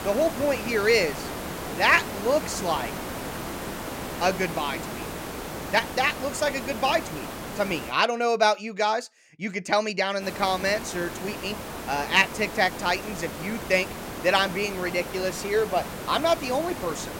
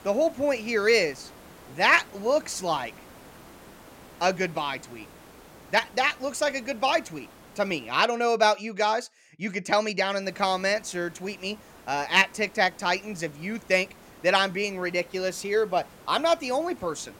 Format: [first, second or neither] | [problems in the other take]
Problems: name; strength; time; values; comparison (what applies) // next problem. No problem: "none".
second | hiss; loud; until 8 s and from 10 s on; 9 dB below the speech; faint in the second